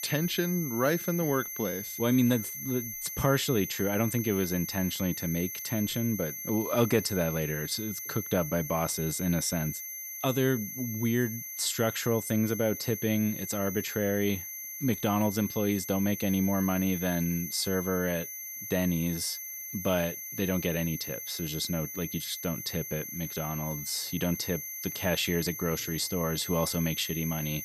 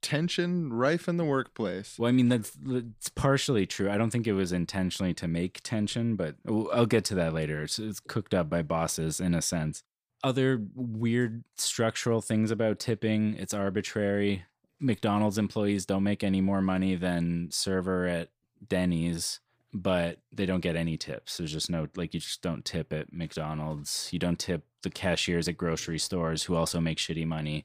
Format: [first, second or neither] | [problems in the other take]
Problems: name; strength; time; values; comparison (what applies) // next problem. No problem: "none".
second | high-pitched whine; loud; throughout; 11.5 kHz, 6 dB below the speech